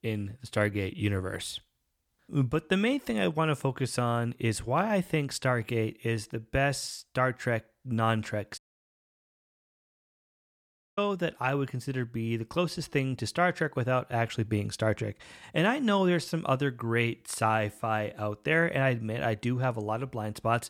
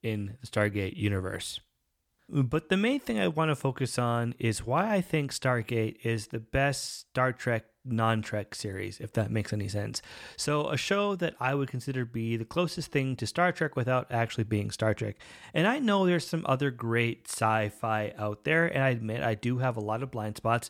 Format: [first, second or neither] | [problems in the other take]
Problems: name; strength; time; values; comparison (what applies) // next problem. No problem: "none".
second | audio cutting out; at 8.5 s for 2.5 s